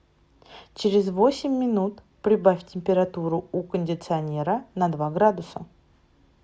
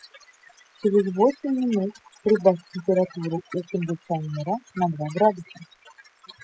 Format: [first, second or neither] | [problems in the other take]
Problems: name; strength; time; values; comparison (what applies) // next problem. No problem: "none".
first | noise reduction (classical method spectral subtraction)